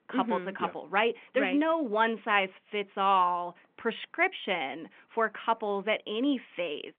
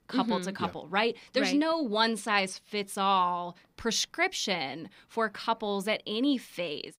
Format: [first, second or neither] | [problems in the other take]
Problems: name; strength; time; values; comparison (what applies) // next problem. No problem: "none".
second | phone-call audio; nothing above 3.5 kHz